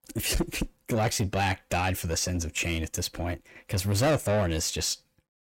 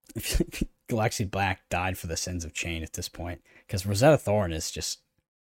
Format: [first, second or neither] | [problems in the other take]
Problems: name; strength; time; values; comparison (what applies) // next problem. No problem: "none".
second | distortion; heavy; 6 dB below the speech